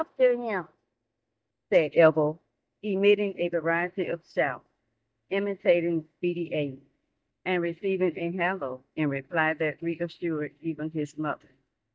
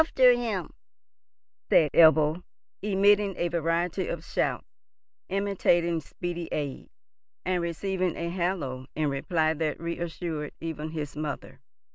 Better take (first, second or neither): second